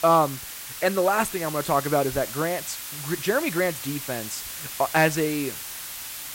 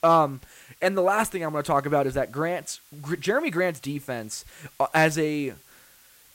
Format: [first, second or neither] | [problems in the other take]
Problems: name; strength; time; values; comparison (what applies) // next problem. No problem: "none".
second | hiss; loud; throughout; 8 dB below the speech; faint in the second